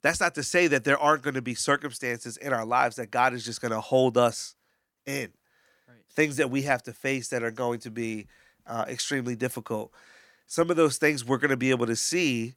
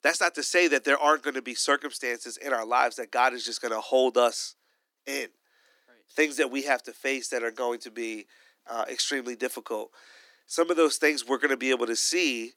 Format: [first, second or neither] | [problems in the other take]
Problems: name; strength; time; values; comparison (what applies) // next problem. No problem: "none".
first | thin; very slightly; fading below 300 Hz